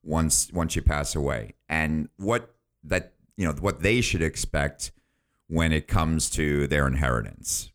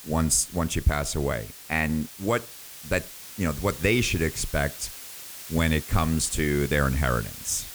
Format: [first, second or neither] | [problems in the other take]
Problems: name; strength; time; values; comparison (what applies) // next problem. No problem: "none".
first | hiss; noticeable; throughout; 10 dB below the speech